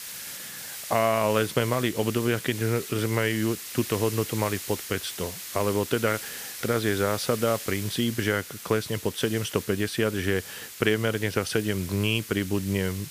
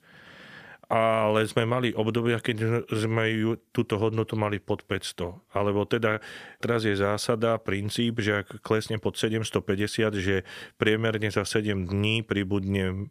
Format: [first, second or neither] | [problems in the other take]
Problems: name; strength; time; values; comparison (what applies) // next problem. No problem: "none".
second | hiss; loud; throughout; 10 dB below the speech